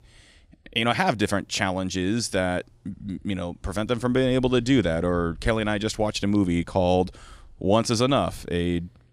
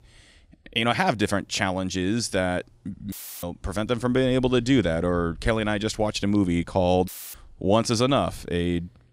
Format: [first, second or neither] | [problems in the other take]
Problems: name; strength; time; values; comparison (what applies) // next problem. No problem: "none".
first | audio cutting out; filled with static; at 3 s and at 7 s